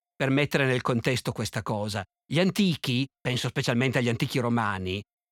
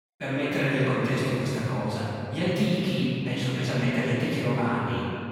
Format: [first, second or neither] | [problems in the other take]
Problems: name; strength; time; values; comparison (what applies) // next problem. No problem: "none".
first | off-mic speech; far // room echo; strong; dies away in 2.7 s